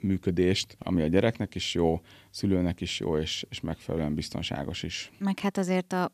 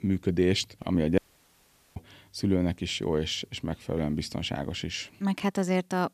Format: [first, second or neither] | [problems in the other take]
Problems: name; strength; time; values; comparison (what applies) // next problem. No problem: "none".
first | audio cutting out; at 1 s for 1 s